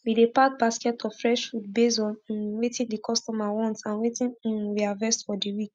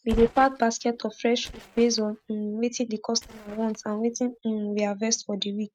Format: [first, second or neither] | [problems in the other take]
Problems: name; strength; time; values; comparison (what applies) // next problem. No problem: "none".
first | noise reduction (neural mask model RNNoise)